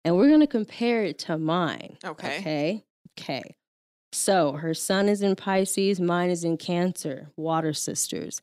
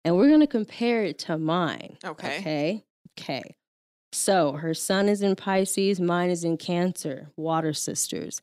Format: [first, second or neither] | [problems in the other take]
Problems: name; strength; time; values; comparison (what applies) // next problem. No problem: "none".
neither | none